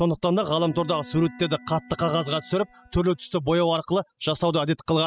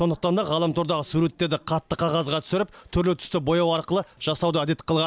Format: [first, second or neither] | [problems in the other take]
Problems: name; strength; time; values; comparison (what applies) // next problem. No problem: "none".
second | noise reduction (classical method spectral subtraction)